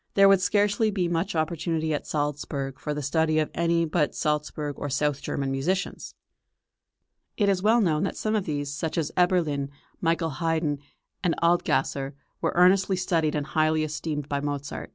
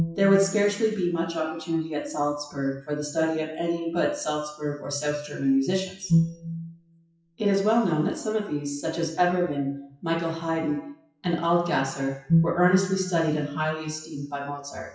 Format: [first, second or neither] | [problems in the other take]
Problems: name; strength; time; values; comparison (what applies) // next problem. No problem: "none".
first | noise reduction (classical method WPE with log-MMSE)